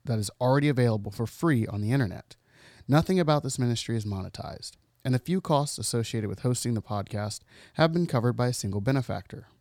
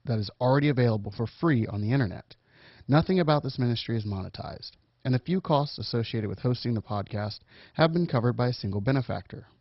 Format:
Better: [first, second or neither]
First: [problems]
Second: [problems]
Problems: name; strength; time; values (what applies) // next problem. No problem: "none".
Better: first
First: none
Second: garbled, watery; badly; nothing above 5.5 kHz